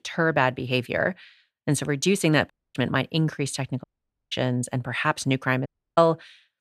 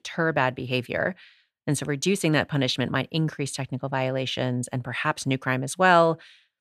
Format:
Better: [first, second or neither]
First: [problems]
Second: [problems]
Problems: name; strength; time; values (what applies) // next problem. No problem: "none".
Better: second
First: audio cutting out; at 2.5 s, at 4 s and at 5.5 s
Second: none